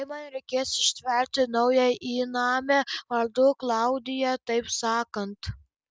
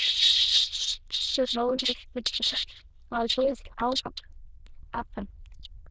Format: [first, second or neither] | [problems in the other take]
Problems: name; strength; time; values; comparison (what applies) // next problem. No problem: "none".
first | noise reduction (neural diffusion model UNIVERSE++)